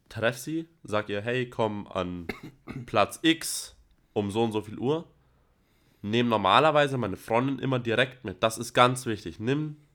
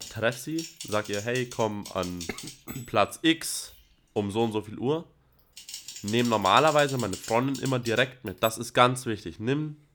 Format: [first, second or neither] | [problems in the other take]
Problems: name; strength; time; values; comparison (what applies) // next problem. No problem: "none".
first | keyboard typing; noticeable; until 8.5 s; peak 10 dB below the speech